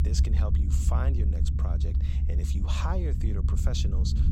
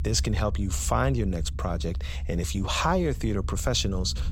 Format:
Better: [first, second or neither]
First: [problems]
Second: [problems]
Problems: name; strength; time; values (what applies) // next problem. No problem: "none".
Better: second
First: low rumble; loud; throughout; 4 dB below the speech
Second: low rumble; faint; throughout; 20 dB below the speech